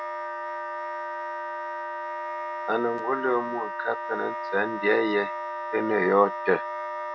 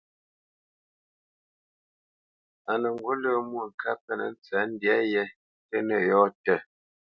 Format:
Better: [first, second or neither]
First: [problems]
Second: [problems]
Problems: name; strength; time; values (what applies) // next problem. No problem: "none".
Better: second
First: background sound (Wind instrument, woodwind instrument); 4 dB below the speech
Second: none